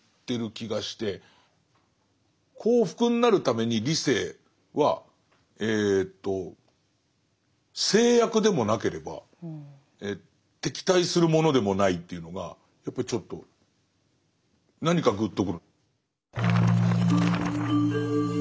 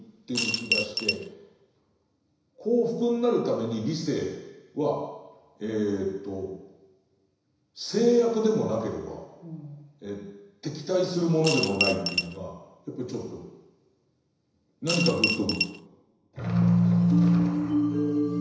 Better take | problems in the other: first | background sound (Coin (dropping) / Glass); 1 dB below the speech // room echo; dies away in 1 s

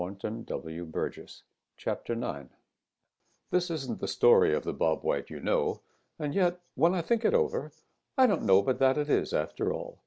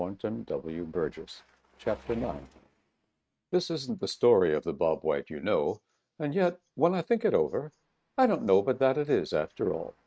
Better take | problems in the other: first | noise reduction (neural mask model RNNoise)

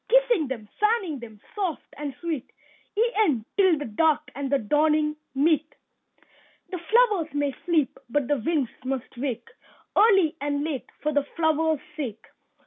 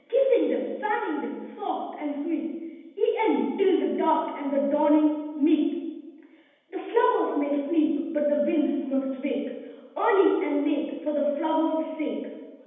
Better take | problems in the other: first | room echo; dies away in 1.1 s

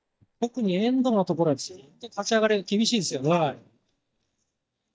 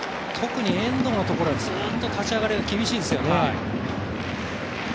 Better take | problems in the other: second | noise reduction (neural mask model DeepFilterNet 3)

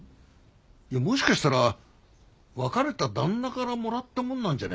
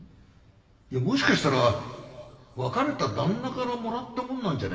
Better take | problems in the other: first | room echo; dies away in 2.3 s

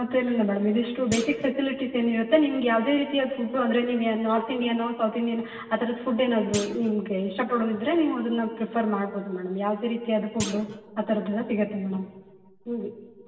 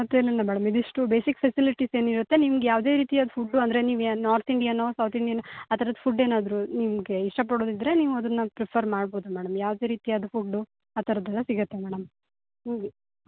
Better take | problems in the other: second | background sound (Thump, thud); 13 dB below the speech // room echo; dies away in 1.4 s

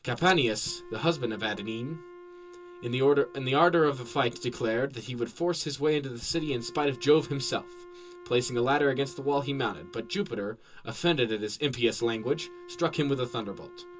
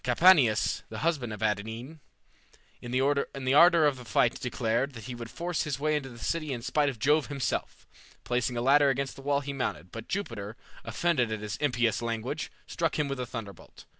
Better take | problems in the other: second | background sound (Wind instrument, woodwind instrument); 19 dB below the speech // room echo; dies away in 0.2 s

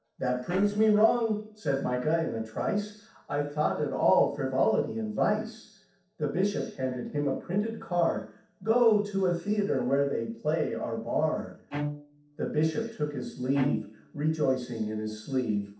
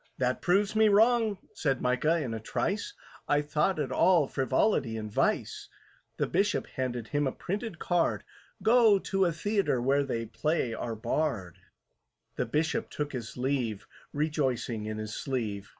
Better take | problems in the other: second | noise reduction (neural separator model SepFormer DNS4)

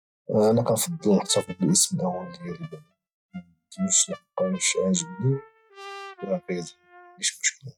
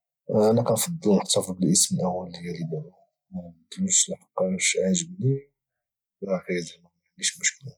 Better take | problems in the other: second | noise reduction (neural mask model RNNoise)

